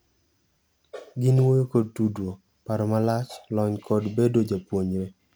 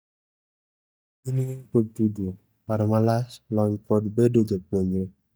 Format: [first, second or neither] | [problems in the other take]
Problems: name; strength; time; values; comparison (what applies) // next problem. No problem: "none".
first | noise reduction (neural mask model DeepFilterNet 3)